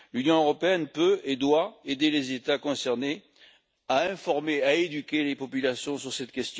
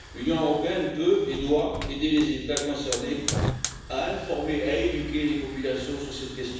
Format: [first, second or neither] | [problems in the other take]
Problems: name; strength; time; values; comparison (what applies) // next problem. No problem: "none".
first | background sound (Hiss / Fire); 8 dB below the speech // room echo; dies away in 1.1 s